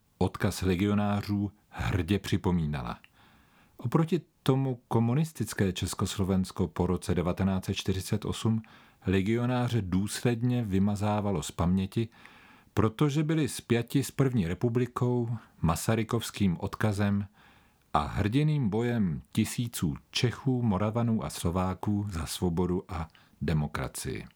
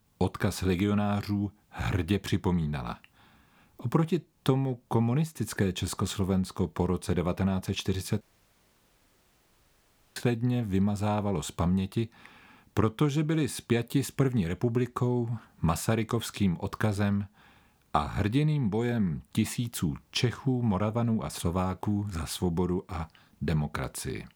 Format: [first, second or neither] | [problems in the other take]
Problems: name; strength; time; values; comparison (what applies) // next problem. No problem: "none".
first | audio cutting out; at 8 s for 2 s